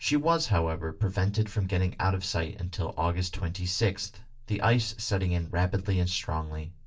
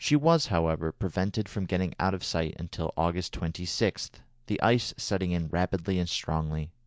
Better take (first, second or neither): second